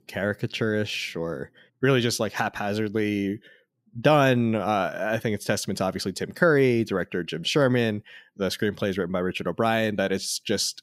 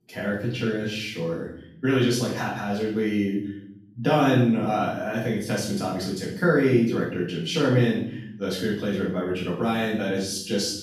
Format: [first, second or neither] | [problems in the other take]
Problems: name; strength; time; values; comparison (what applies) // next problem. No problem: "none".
first | room echo; noticeable; dies away in 0.7 s // off-mic speech; far